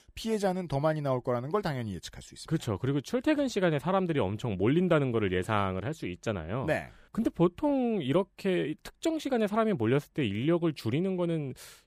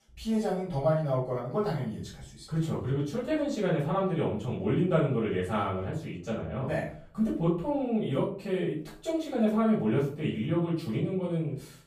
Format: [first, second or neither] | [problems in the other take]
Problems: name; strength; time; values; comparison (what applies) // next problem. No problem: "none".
first | room echo; noticeable; dies away in 0.4 s // off-mic speech; far